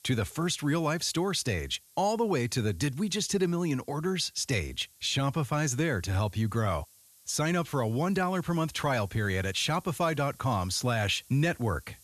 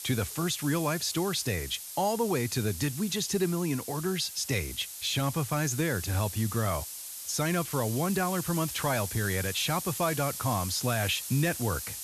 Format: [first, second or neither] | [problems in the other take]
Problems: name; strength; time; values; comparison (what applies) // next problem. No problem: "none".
first | hiss; loud; throughout; 7 dB below the speech; faint in the first